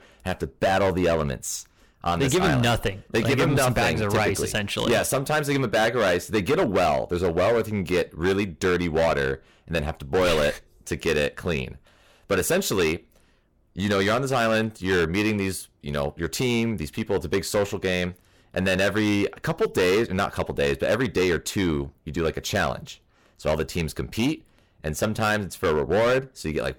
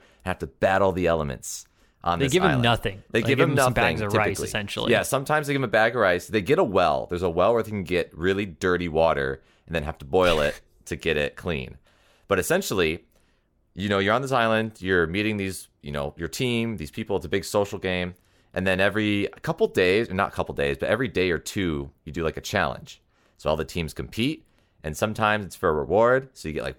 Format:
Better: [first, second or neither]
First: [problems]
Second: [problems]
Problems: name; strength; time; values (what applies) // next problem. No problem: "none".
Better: second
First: distortion; heavy; 10% of the sound clipped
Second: none